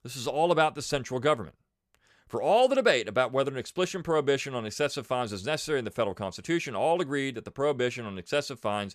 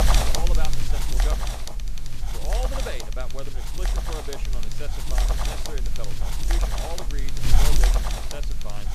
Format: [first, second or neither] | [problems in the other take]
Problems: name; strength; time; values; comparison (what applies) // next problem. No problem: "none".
first | wind noise on the microphone; heavy; 5 dB above the speech